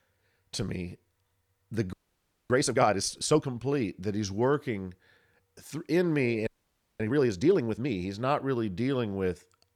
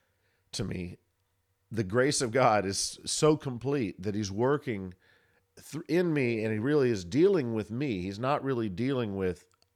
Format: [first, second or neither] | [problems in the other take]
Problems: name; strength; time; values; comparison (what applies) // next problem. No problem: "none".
second | audio freezing; at 2 s for 0.5 s and at 6.5 s for 0.5 s